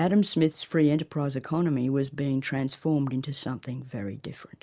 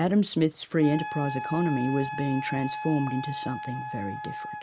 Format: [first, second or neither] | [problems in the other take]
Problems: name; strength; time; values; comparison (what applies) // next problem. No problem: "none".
first | background sound (Wind instrument, woodwind instrument); 8 dB below the speech